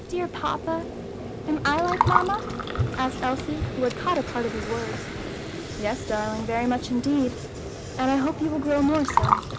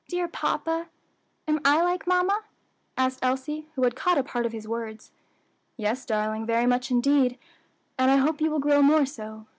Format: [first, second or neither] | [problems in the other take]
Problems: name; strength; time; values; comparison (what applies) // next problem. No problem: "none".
second | background sound (Gurgling + Vehicle); 2 dB below the speech